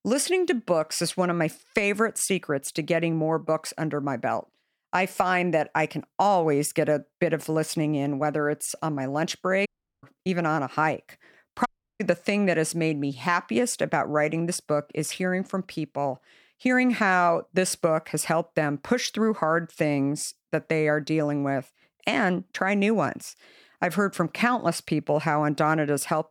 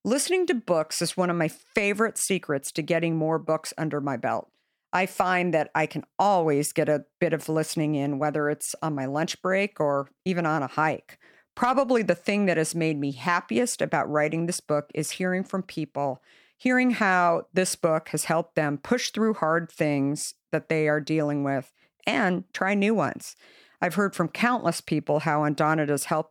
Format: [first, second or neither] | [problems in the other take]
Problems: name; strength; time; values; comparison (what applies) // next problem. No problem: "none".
second | audio cutting out; at 9.5 s and at 12 s